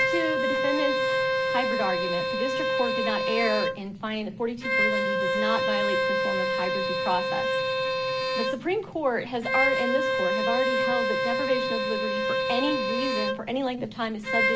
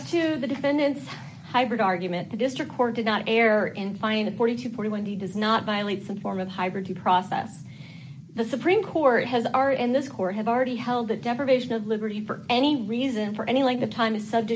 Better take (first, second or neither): second